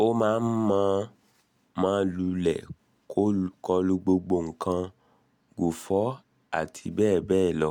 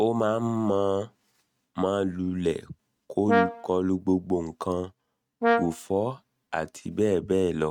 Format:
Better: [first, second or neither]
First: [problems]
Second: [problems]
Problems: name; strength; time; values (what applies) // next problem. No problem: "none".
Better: first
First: none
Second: noise reduction (neural mask model RNNoise)